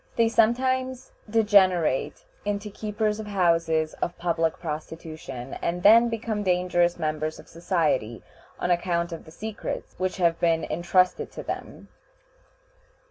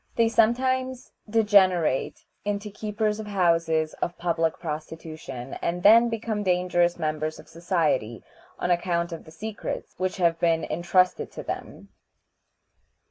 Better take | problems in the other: first | noise reduction (neural mask model Resemble Enhance denoiser)

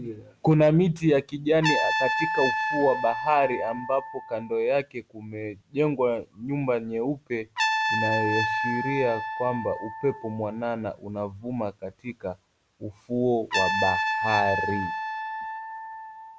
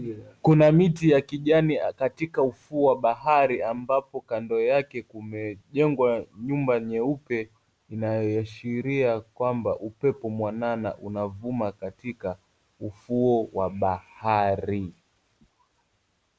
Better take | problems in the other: second | background sound (Trumpet); 4 dB below the speech

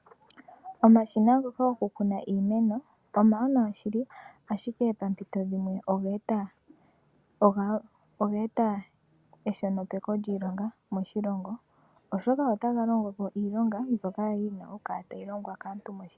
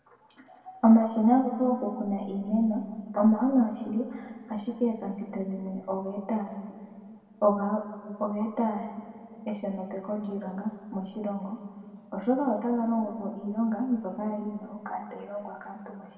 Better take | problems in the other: first | room echo; dies away in 1.9 s

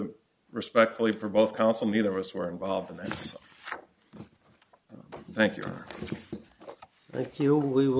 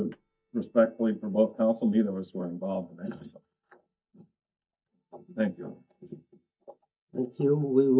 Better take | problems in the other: first | noise reduction (neural mask model DeepFilterNet 3)

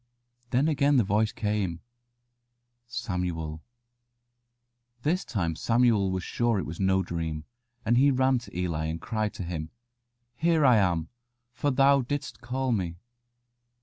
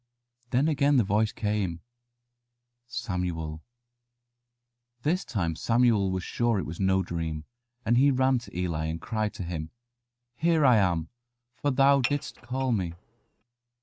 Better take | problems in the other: first | noise reduction (neural mask model RNNoise)

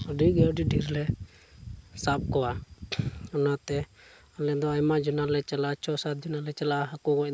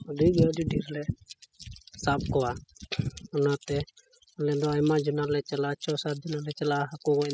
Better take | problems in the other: first | noise reduction (classical method spectral subtraction)

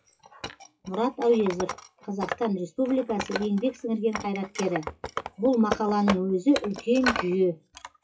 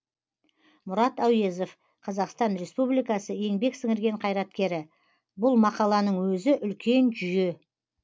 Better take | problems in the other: second | noise reduction (classical method WPE with log-MMSE)

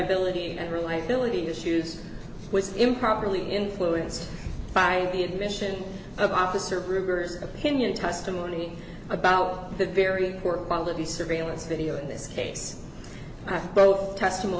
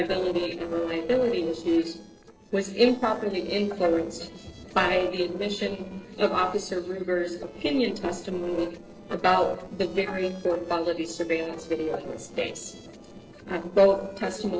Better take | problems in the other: first | noise reduction (neural separator model SepFormer DNS4)

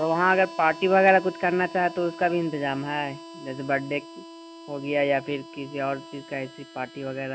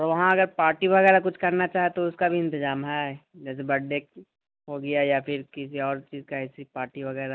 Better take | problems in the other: second | background sound (Harmonica); 16 dB below the speech

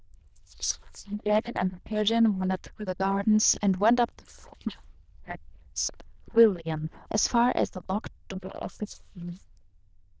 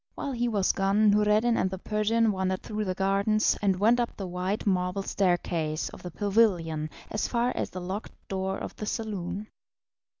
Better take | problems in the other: second | noise reduction (neural diffusion model UNIVERSE++)

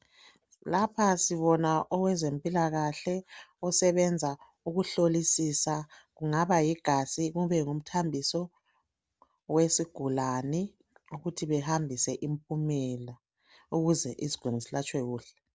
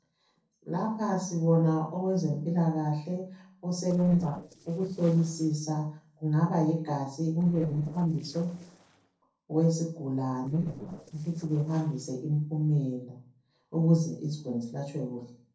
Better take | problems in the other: first | noise reduction (neural separator model SepFormer DNS4)

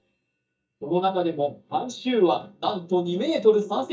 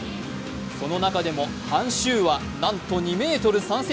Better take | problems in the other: second | noise reduction (neural mask model DeepFilterNet 3)

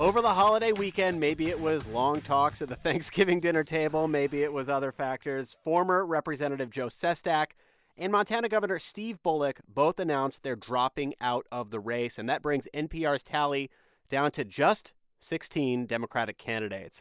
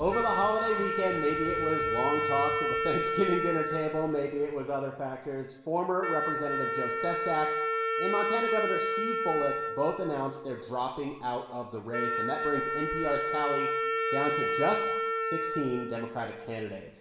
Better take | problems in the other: first | background sound (Wind instrument, woodwind instrument); as loud as the speech // room echo; dies away in 0.9 s

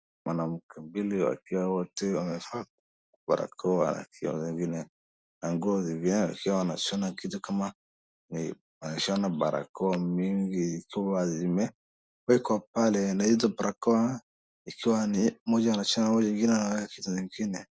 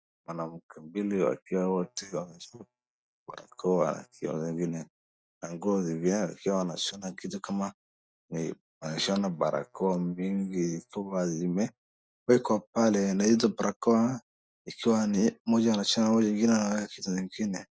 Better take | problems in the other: first | noise reduction (neural mask model DeepFilterNet 3)

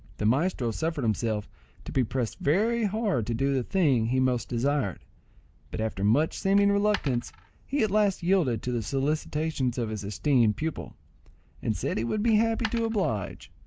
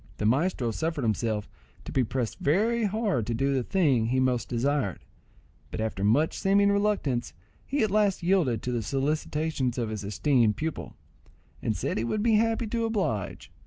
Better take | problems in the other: second | background sound (Coin (dropping)); 15 dB below the speech

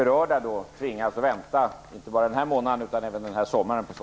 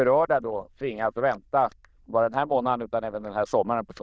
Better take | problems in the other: first | noise reduction (neural diffusion model UNIVERSE++)

